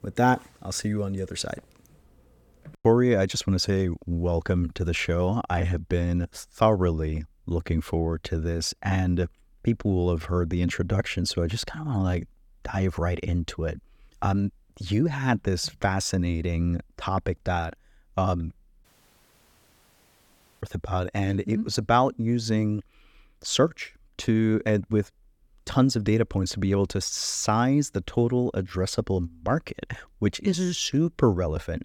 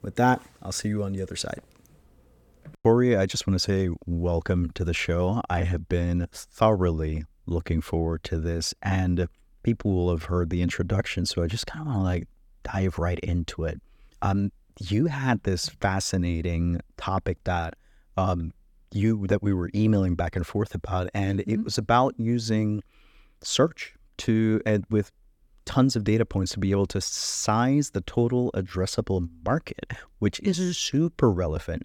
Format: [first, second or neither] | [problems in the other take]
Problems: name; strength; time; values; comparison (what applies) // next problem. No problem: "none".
second | audio cutting out; at 19 s for 2 s